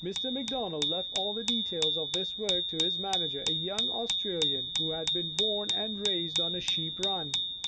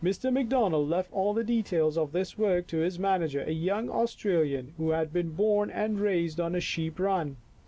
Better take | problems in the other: second | background sound (Bicycle bell); 4 dB above the speech

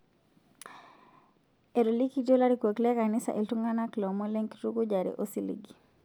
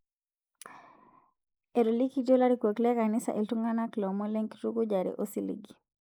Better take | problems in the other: first | noise reduction (neural mask model Resemble Enhance denoiser)

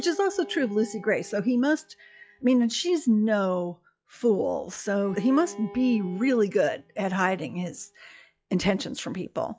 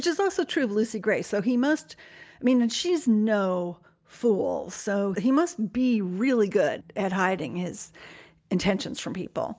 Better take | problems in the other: second | noise reduction (classical method log-MMSE)

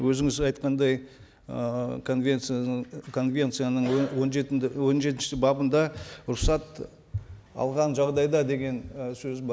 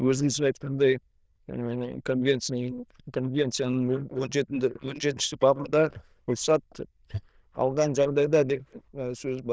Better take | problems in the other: first | noise reduction (neural diffusion model UNIVERSE++)

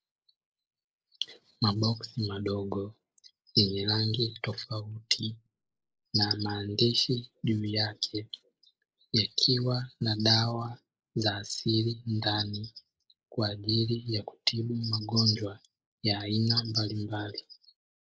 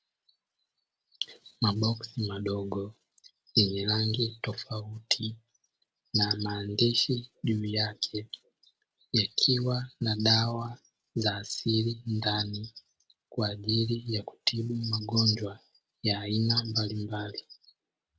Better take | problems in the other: second | noise reduction (neural mask model Resemble Enhance denoiser)

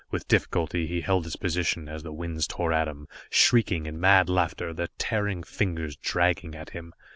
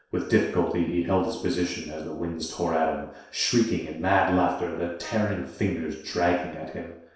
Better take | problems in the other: first | noise reduction (neural separator model SepFormer DNS4)

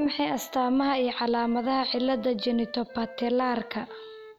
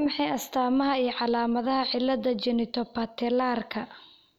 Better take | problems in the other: second | background sound (Wind instrument, woodwind instrument); 19 dB below the speech

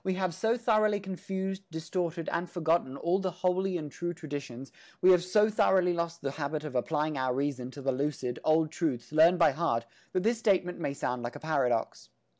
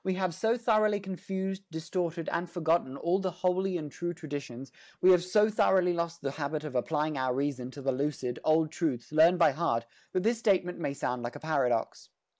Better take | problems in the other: first | noise reduction (neural mask model Resemble Enhance denoiser)

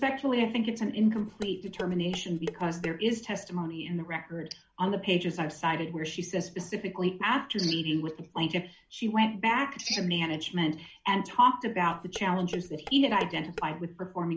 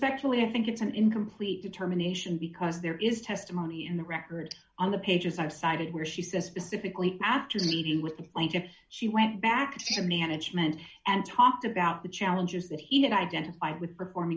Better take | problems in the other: second | background sound (Dishes, pots, and pans); 13 dB below the speech

